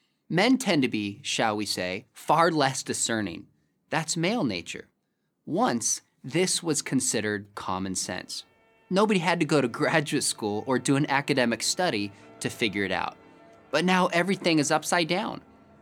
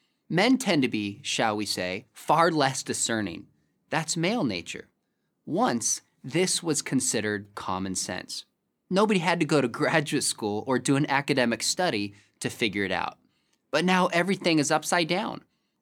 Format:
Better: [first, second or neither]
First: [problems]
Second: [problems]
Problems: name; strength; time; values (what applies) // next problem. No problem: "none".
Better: second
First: background music; faint; throughout; 30 dB below the speech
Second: none